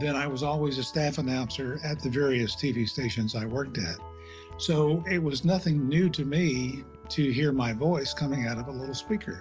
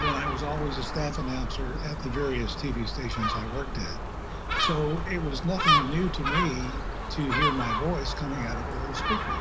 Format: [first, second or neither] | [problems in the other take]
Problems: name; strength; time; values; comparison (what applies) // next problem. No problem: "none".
first | background sound (Gull, seagull); 2 dB above the speech